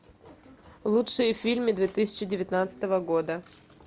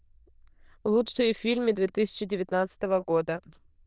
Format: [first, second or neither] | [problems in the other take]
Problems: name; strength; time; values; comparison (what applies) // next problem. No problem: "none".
first | noise reduction (neural diffusion model UNIVERSE++)